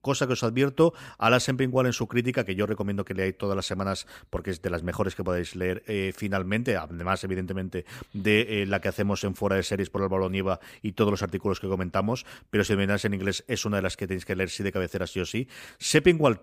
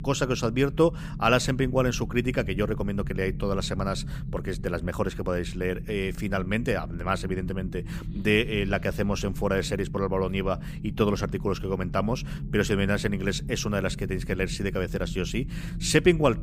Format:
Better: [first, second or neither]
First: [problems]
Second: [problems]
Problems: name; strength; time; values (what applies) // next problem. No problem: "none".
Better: first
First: none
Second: low rumble; noticeable; throughout; 20 dB below the speech